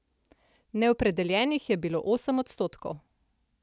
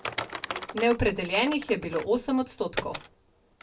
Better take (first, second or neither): first